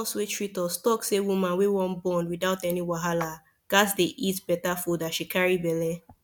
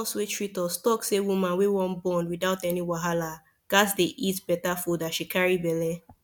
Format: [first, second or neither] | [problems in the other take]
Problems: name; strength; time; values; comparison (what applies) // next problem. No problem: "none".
second | background sound (Clapping); 19 dB below the speech